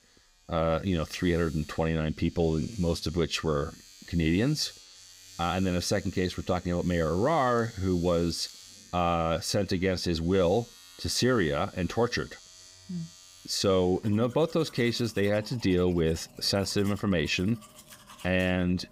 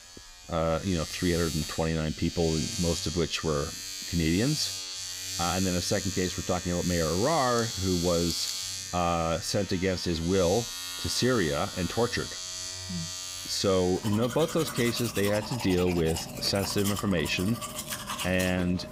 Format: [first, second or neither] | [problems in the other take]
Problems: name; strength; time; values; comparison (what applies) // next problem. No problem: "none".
first | household noises; loud; throughout; 6 dB below the speech; faint in the first